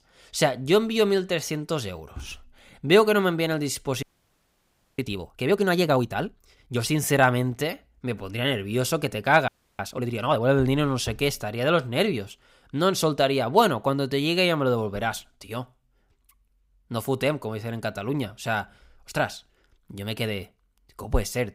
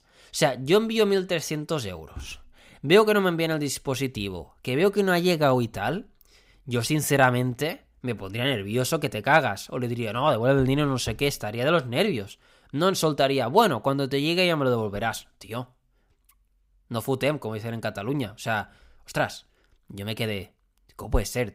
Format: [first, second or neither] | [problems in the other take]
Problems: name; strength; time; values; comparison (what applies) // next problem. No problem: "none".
second | audio freezing; at 4 s for 1 s and at 9.5 s